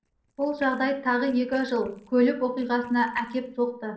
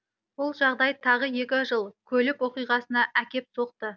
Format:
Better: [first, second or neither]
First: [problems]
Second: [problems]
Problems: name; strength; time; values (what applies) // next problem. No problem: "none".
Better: second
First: noise reduction (neural separator model SepFormer DNS4)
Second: none